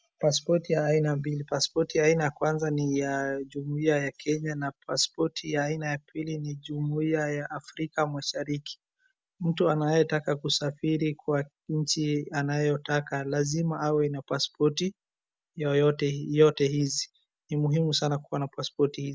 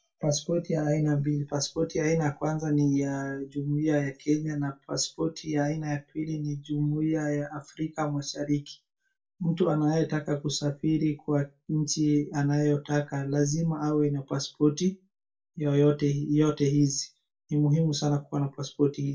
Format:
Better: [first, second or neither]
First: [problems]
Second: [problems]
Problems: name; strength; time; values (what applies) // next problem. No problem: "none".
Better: first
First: none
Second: room echo; dies away in 0.2 s